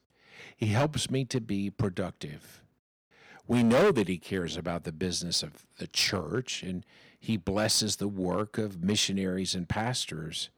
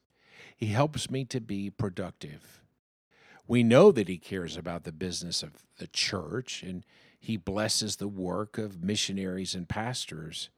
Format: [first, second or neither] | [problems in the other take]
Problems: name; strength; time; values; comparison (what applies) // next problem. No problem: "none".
second | distortion; heavy; 3% of the sound clipped